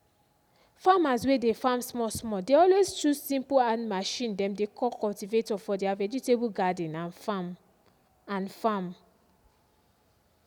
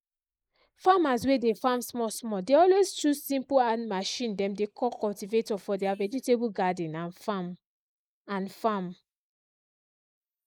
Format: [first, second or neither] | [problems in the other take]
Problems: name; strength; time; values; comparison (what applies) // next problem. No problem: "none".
first | noise reduction (neural mask model Resemble Enhance denoiser)